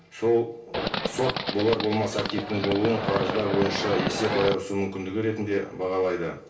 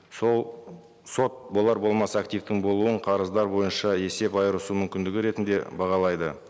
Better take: second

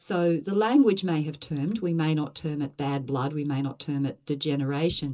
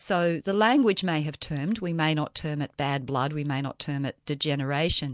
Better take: second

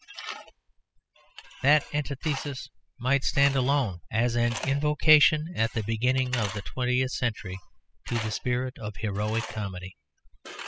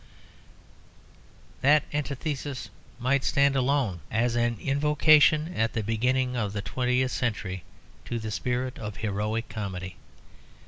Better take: second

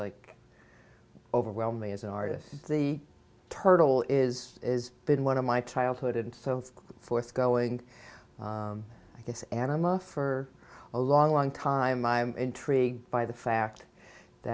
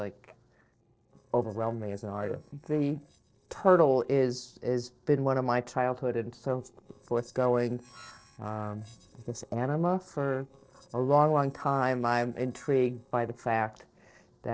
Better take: first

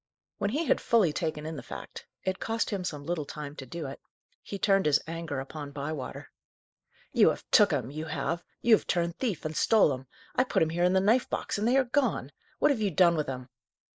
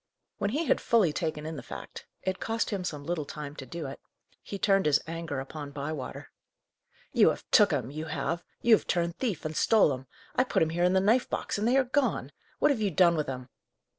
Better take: second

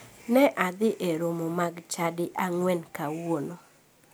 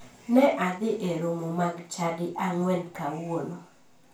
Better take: first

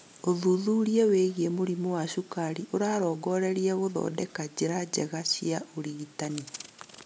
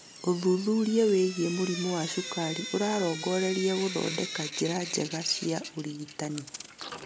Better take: first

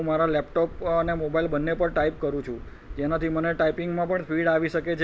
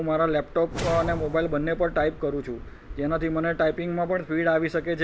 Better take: first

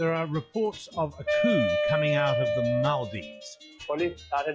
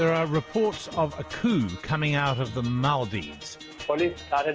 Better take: second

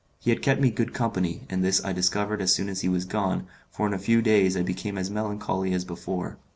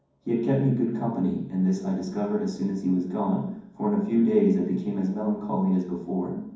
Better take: first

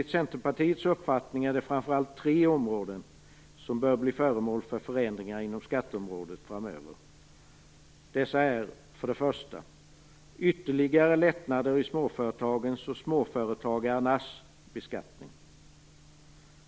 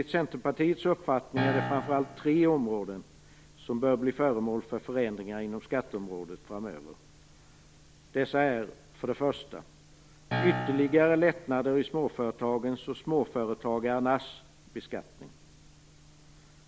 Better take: first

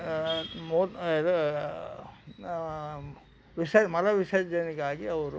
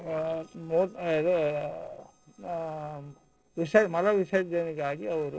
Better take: first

